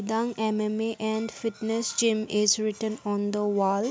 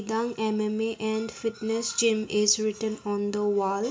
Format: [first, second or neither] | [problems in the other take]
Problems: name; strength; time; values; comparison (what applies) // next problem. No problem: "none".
first | room echo; dies away in 0.4 s